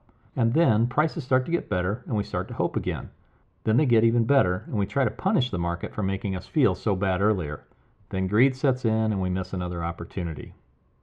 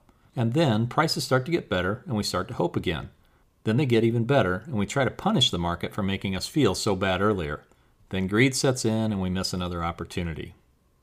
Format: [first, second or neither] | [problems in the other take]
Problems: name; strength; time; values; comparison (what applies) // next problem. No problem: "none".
second | muffled; very; fading above 2 kHz